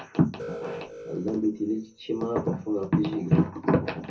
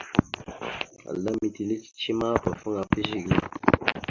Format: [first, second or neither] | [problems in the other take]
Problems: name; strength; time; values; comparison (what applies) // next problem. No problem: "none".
second | background sound (Alarm); 15 dB below the speech // room echo; dies away in 0.3 s